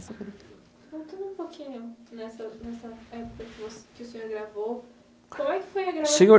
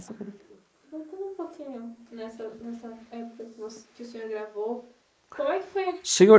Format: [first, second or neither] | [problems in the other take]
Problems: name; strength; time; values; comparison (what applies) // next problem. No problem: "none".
first | noise reduction (neural mask model Resemble Enhance denoiser)